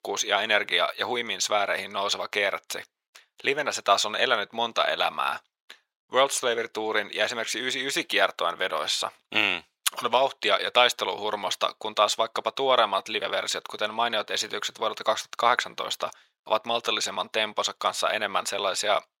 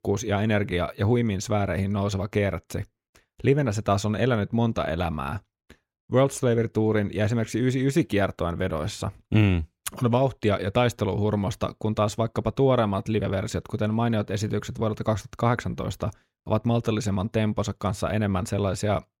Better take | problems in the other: second | thin; very; fading below 850 Hz

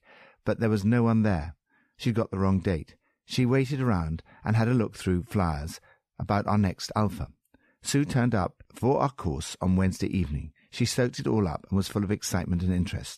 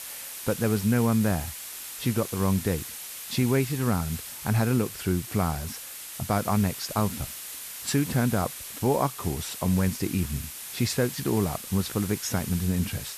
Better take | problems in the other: first | hiss; loud; throughout; 9 dB below the speech

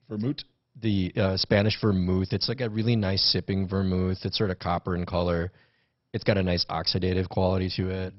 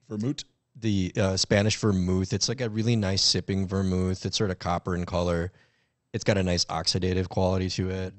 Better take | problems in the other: second | garbled, watery; badly; nothing above 5.5 kHz; slightly in the second

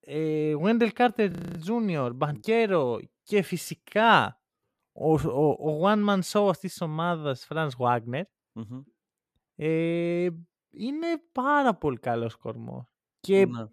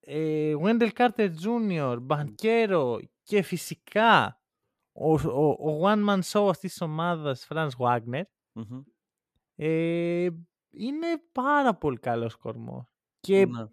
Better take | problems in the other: second | audio freezing; at 1.5 s

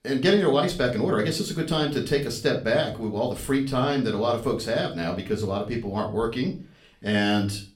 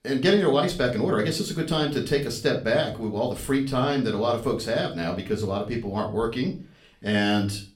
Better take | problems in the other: neither | room echo; very slight; dies away in 0.3 s; the same in both // off-mic speech; far; the same in both

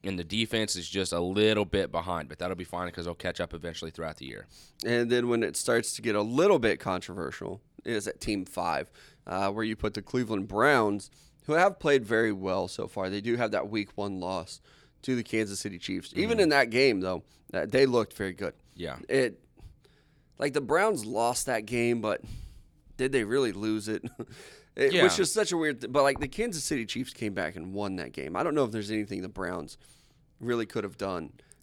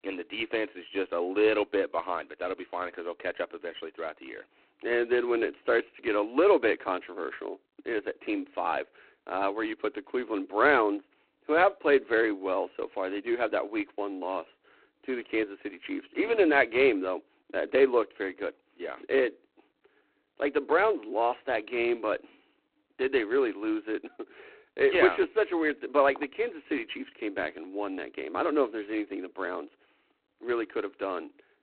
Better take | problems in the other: first | phone-call audio; poor line; nothing above 4 kHz

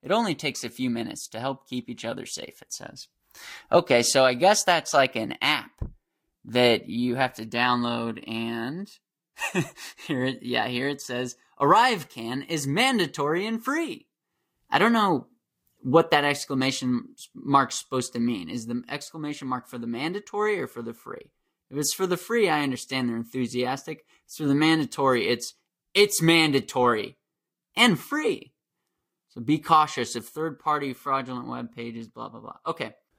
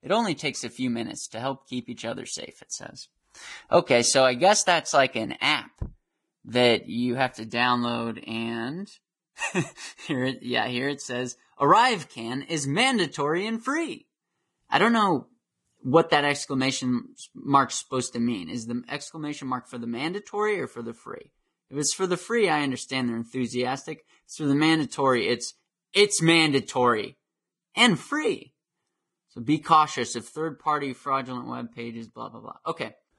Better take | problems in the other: first | garbled, watery; badly; nothing above 10 kHz; slightly in the first

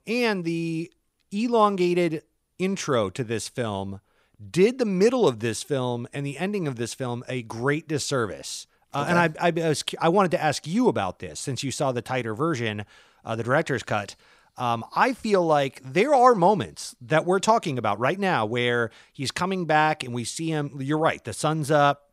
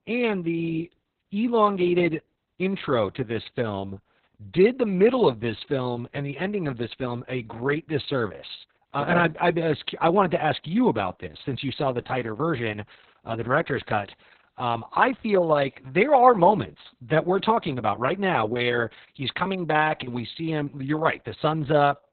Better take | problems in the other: first | garbled, watery; badly; nothing above 4 kHz

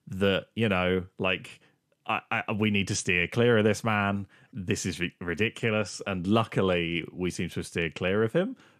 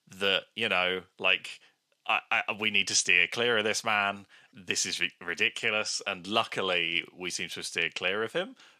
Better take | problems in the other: first | thin; somewhat; fading below 850 Hz

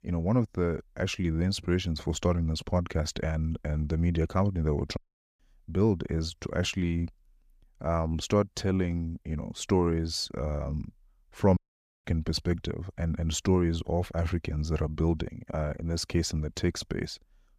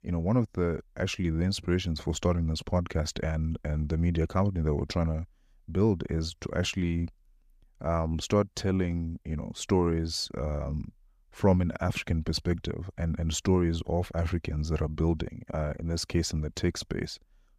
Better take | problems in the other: second | audio cutting out; at 5 s and at 12 s

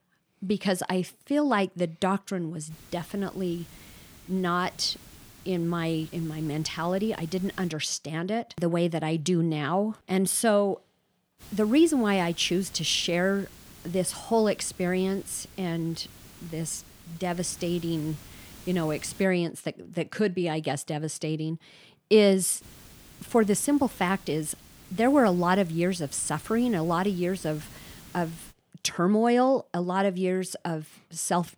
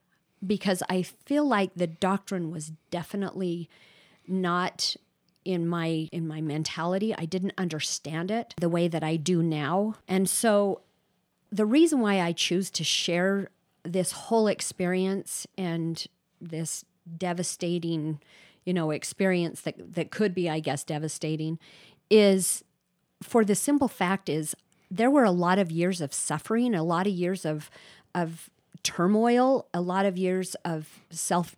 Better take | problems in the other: second | hiss; faint; from 2.5 to 7.5 s, from 11 to 19 s and from 23 to 29 s; 20 dB below the speech

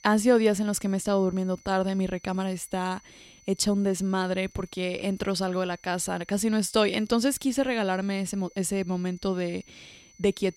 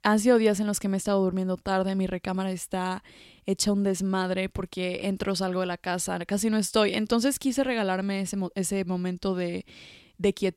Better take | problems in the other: second | high-pitched whine; faint; throughout; 6 kHz, 30 dB below the speech

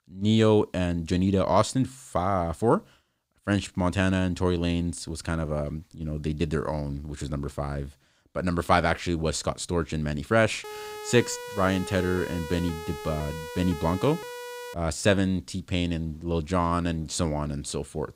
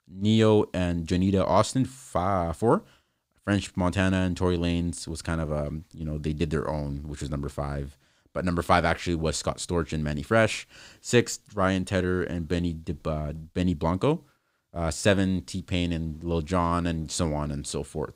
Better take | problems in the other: second | siren; faint; from 11 to 15 s; peak 10 dB below the speech

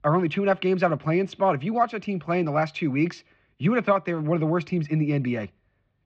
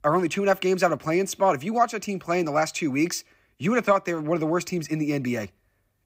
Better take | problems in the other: second | muffled; slightly; fading above 3.5 kHz

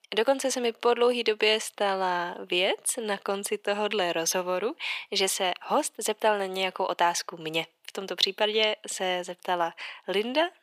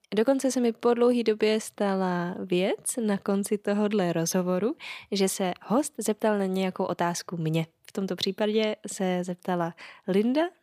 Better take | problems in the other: second | thin; somewhat; fading below 450 Hz

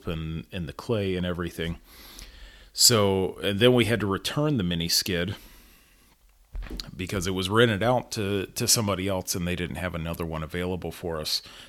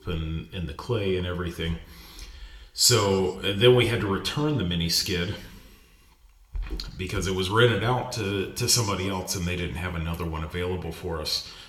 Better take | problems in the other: first | room echo; slight; dies away in 0.7 s

